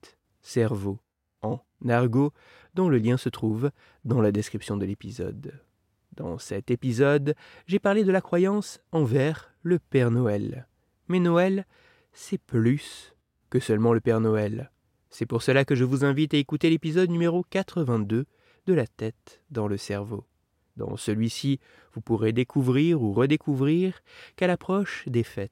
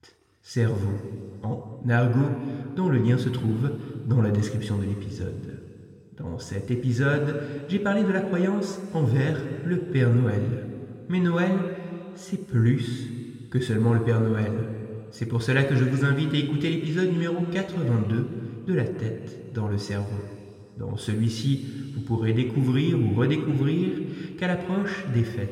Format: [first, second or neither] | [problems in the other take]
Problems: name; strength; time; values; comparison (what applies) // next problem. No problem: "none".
first | room echo; noticeable; dies away in 2.5 s